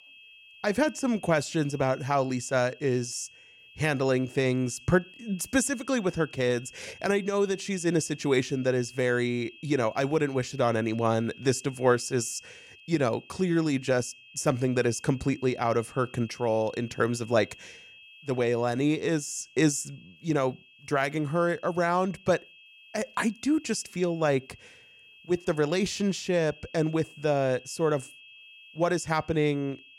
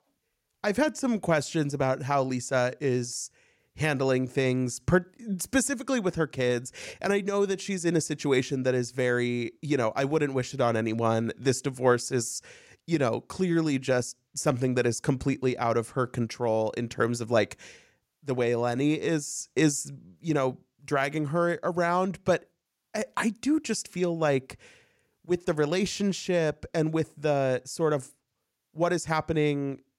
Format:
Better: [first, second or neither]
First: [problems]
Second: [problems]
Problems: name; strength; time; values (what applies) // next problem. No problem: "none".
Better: second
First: high-pitched whine; faint; throughout; 2.5 kHz, 20 dB below the speech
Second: none